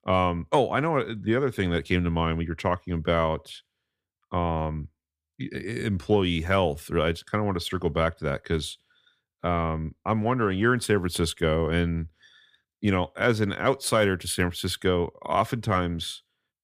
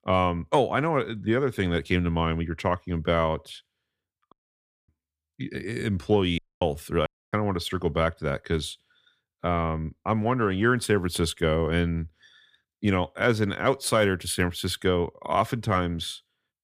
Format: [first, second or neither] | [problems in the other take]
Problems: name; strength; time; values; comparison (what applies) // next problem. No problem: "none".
first | audio cutting out; at 4.5 s for 0.5 s, at 6.5 s and at 7 s